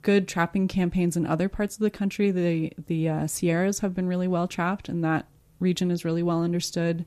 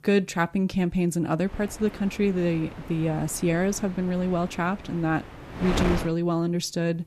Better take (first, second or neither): first